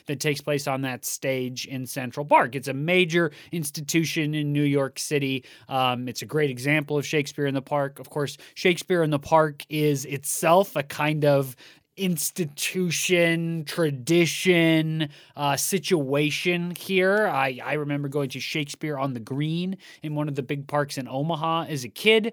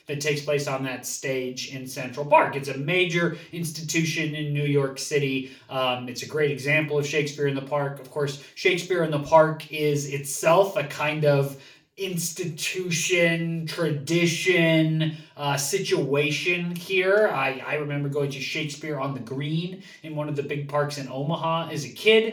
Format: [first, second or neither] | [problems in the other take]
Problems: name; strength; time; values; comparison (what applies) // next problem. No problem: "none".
first | room echo; slight; dies away in 0.4 s // off-mic speech; somewhat distant